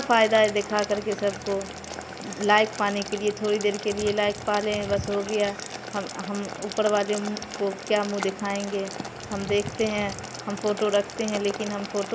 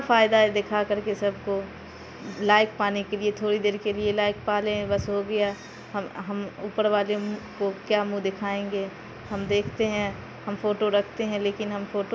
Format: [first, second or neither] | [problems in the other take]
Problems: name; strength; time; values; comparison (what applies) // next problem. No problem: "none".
second | background sound (Boiling); 12 dB below the speech